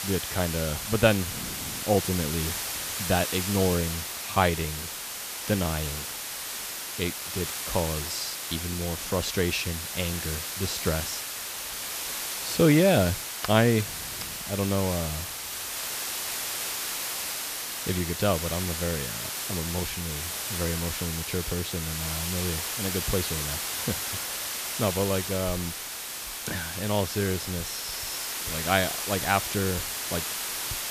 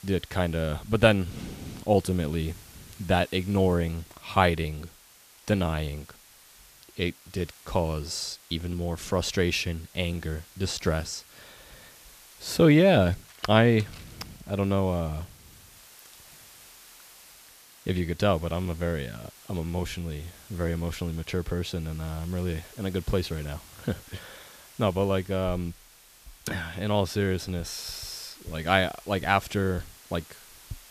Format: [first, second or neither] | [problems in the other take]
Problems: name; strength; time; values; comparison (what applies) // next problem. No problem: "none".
second | hiss; loud; throughout; 2 dB below the speech; faint in the second